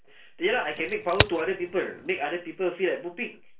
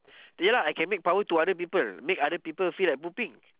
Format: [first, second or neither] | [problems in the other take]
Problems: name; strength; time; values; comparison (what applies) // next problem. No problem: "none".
second | background sound (Crack); 2 dB below the speech // room echo; dies away in 0.3 s